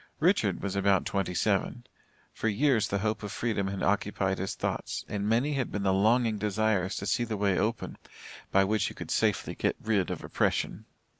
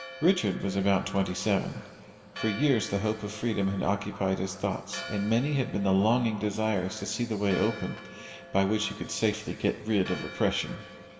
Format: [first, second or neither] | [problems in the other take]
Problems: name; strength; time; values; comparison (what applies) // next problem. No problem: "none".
first | background sound (Church bell); 17 dB below the speech // room echo; dies away in 2.3 s